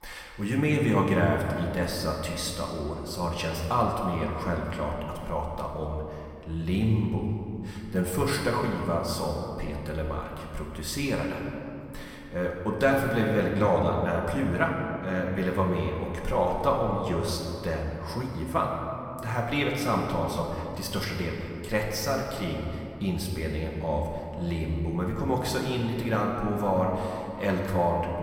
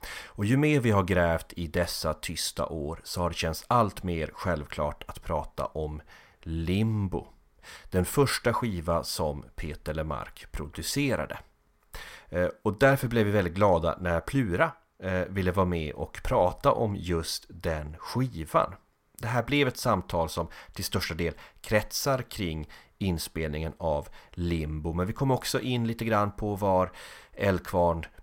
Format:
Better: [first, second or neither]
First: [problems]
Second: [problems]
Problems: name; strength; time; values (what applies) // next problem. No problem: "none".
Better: second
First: room echo; noticeable; dies away in 2.3 s // off-mic speech; somewhat distant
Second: none